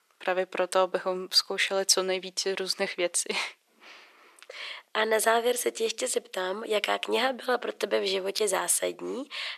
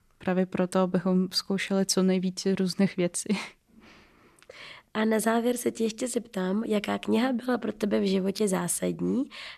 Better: second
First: thin; very; fading below 450 Hz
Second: none

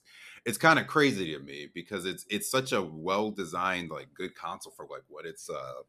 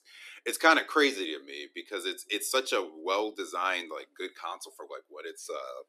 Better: first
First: none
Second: thin; very slightly; fading below 300 Hz

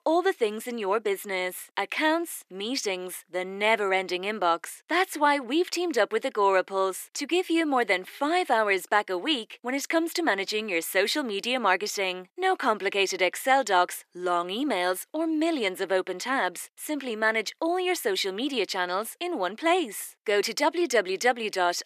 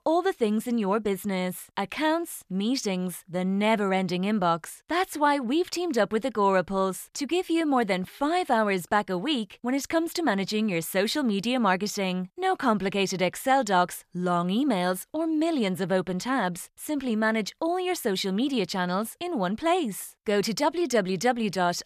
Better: second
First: thin; somewhat; fading below 300 Hz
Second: none

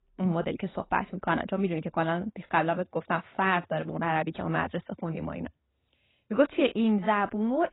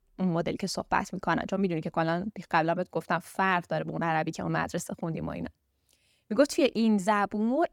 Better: second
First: garbled, watery; badly; nothing above 3.5 kHz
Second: none

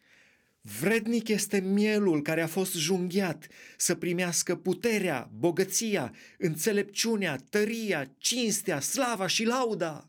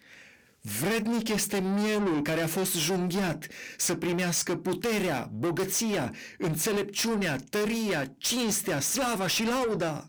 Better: first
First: none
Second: distortion; heavy; 6 dB below the speech

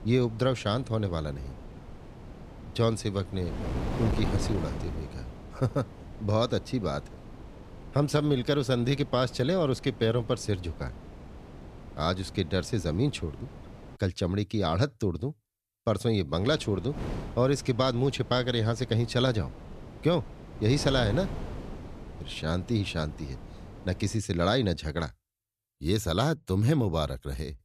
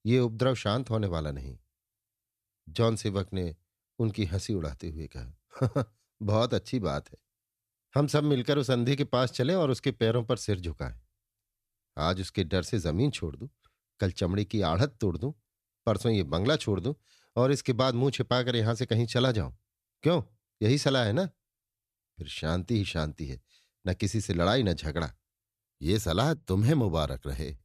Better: second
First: wind noise on the microphone; occasional gusts; until 14 s and from 16 to 24 s; 15 dB below the speech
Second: none

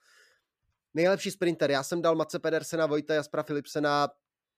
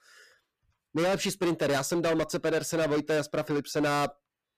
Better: first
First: none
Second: distortion; heavy; 19% of the sound clipped

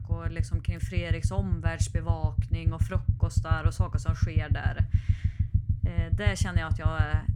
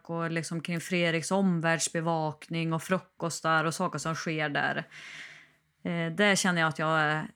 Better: second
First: low rumble; loud; throughout; 7 dB below the speech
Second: none

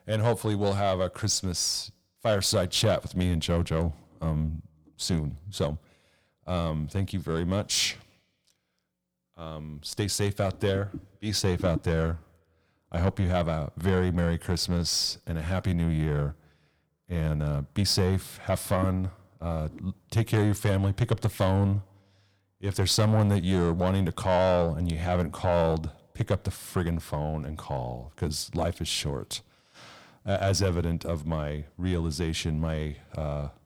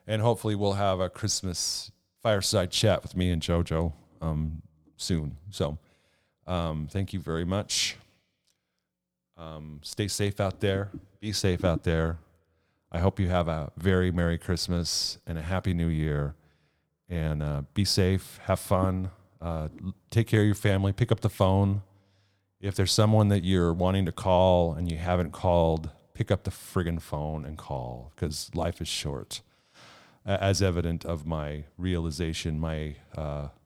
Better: second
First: distortion; slight; 10 dB below the speech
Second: none

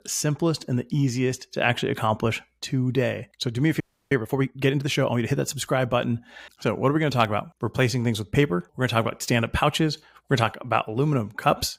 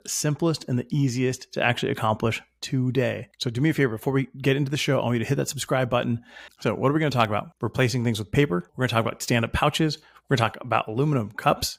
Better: second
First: audio freezing; at 4 s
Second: none

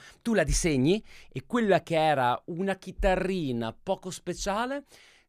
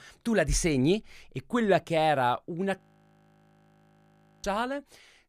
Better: first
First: none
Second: audio freezing; at 3 s for 1.5 s

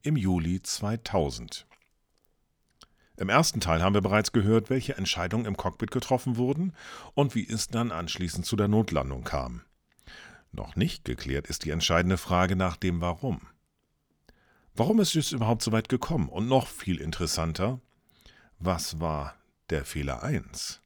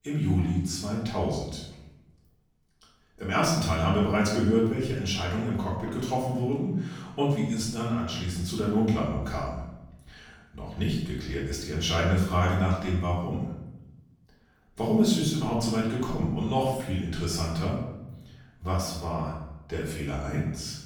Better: first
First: none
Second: room echo; noticeable; dies away in 0.8 s // off-mic speech; far

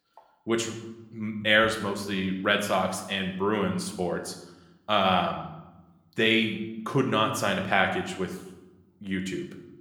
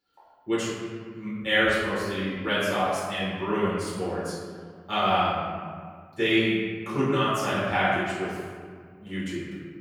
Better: first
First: room echo; slight; dies away in 0.8 s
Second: room echo; strong; dies away in 1.8 s // off-mic speech; far

